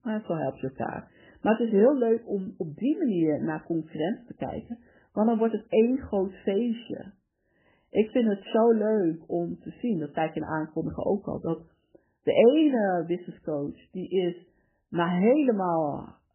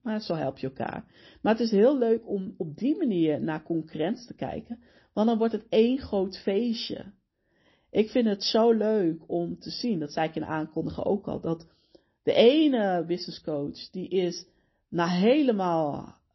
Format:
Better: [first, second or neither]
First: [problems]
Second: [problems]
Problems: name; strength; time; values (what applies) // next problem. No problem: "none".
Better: second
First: garbled, watery; badly; nothing above 3 kHz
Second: garbled, watery; slightly; nothing above 5.5 kHz